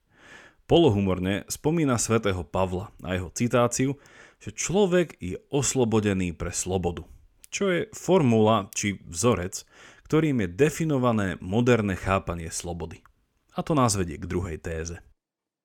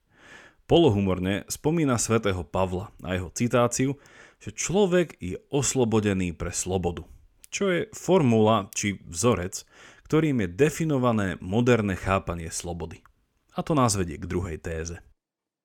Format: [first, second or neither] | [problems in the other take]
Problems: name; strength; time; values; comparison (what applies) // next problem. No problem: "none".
neither | none